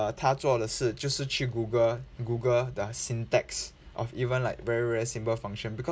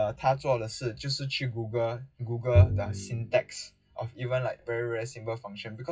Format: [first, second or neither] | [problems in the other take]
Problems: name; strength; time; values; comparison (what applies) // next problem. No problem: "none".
first | noise reduction (classical method WPE with log-MMSE)